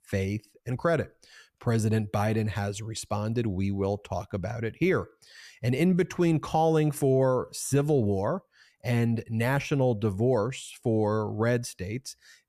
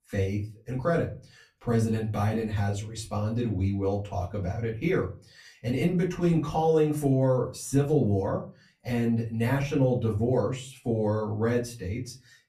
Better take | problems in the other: first | off-mic speech; far // room echo; very slight; dies away in 0.3 s

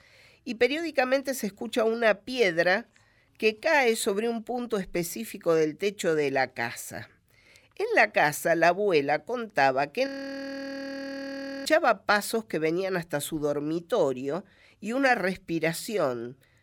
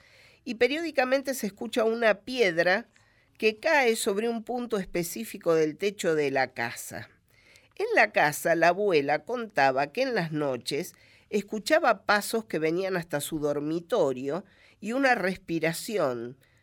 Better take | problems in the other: second | audio freezing; at 10 s for 1.5 s

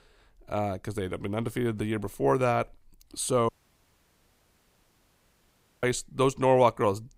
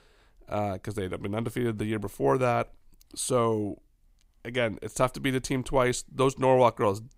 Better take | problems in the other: second | audio cutting out; at 3.5 s for 2.5 s

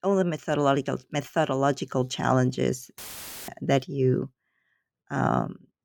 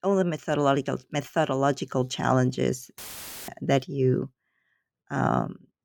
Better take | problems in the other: neither | audio cutting out; filled with static; at 3 s for 0.5 s; the same in both

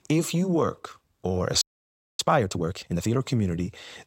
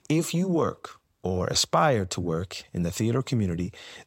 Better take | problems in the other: second | audio freezing; at 1.5 s for 0.5 s

